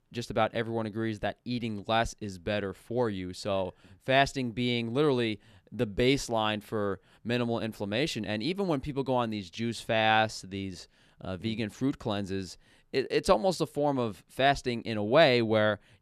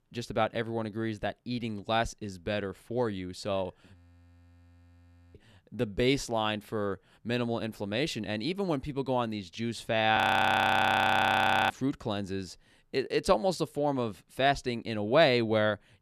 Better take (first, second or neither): first